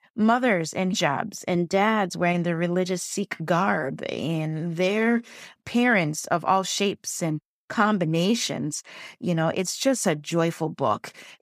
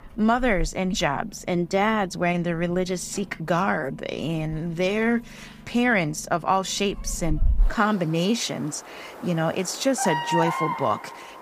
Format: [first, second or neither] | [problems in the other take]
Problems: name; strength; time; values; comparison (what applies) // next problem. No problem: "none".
first | animal sounds; loud; throughout; 7 dB below the speech